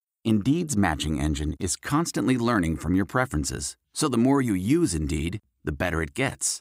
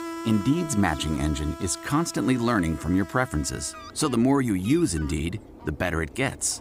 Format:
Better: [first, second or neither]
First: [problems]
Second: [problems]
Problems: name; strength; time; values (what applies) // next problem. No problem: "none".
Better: first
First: none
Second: animal sounds; noticeable; throughout; 15 dB below the speech